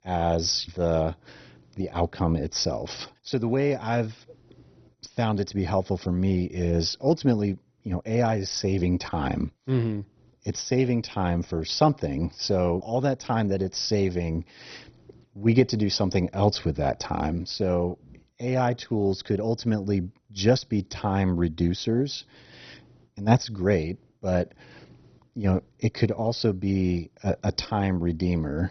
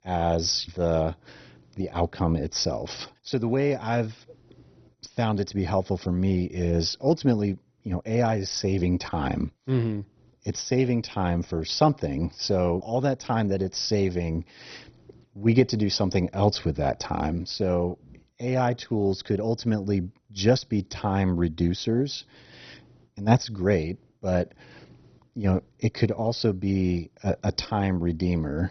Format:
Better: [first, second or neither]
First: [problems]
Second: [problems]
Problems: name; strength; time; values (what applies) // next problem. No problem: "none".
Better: neither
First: garbled, watery; badly; nothing above 6 kHz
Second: garbled, watery; badly; nothing above 6 kHz